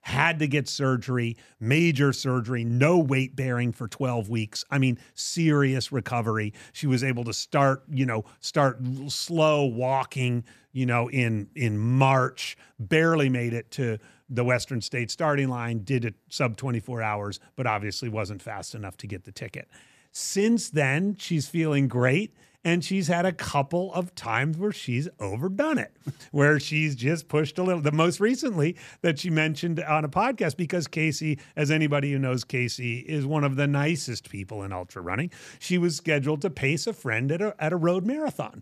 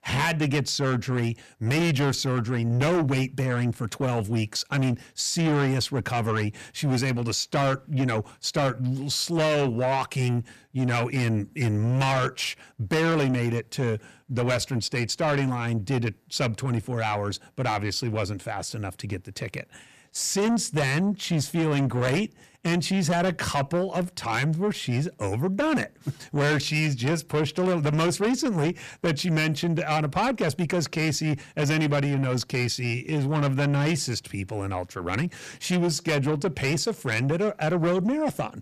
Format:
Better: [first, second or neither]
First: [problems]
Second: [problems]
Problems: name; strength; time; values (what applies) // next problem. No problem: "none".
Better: first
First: none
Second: distortion; heavy; 7 dB below the speech